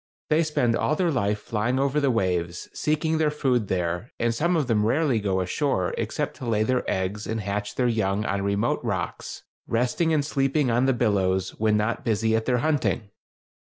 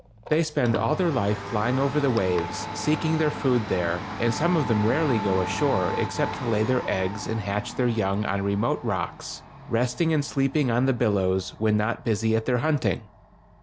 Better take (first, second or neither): first